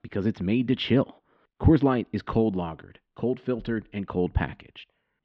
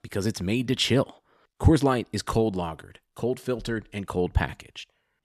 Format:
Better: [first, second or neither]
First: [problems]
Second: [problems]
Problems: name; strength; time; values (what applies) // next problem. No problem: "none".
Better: second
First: muffled; slightly; fading above 3.5 kHz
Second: none